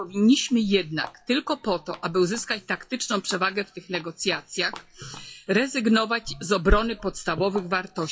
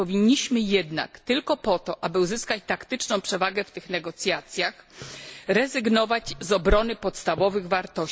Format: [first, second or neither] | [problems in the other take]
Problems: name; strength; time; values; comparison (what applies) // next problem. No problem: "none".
second | noise reduction (classical method WPE with log-MMSE)